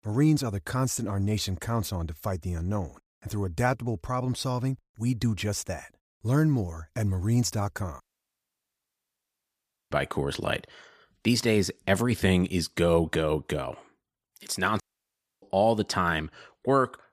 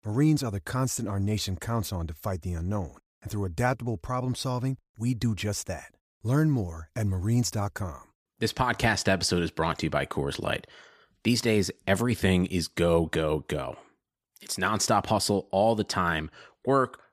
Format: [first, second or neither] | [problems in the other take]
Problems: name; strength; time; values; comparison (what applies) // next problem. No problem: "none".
second | audio cutting out; at 8 s for 2 s and at 15 s for 0.5 s